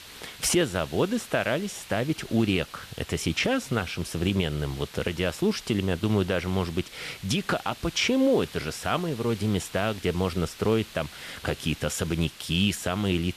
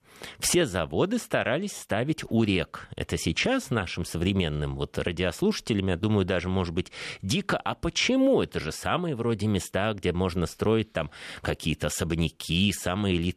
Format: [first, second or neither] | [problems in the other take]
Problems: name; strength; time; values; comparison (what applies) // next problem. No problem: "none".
second | hiss; noticeable; throughout; 15 dB below the speech